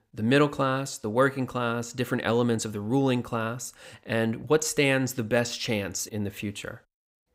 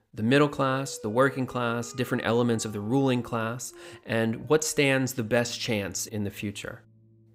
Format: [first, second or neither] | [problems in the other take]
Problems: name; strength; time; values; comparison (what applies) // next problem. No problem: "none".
first | background music; faint; throughout; 25 dB below the speech